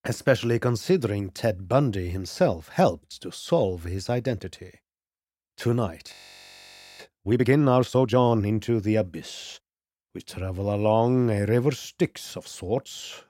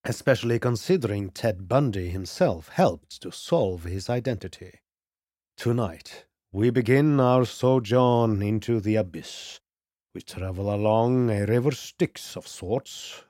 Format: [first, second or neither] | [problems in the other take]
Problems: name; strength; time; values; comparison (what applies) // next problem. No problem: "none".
second | audio freezing; at 6 s for 1 s